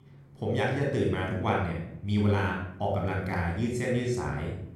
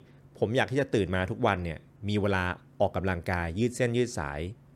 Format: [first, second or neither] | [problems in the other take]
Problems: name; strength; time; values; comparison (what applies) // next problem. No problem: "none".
second | off-mic speech; somewhat distant // room echo; noticeable; dies away in 0.7 s